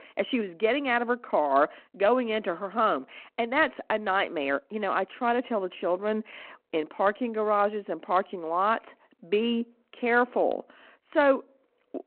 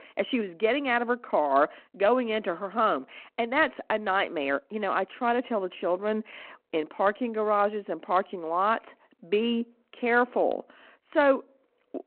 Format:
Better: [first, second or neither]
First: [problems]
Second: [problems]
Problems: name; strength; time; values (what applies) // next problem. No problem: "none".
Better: neither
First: phone-call audio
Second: phone-call audio